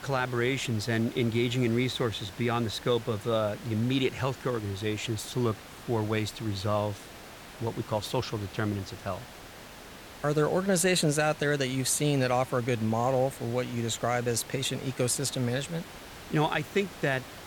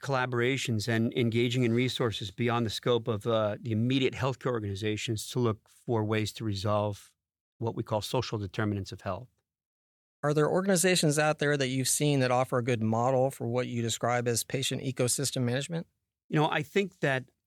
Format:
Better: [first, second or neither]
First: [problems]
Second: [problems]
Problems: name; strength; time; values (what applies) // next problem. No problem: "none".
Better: second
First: hiss; noticeable; throughout; 15 dB below the speech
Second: none